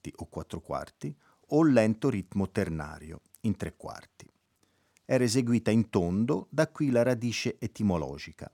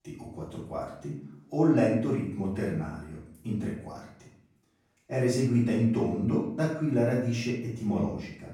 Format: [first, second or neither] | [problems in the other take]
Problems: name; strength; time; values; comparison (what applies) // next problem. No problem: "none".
first | off-mic speech; far // room echo; noticeable; dies away in 0.6 s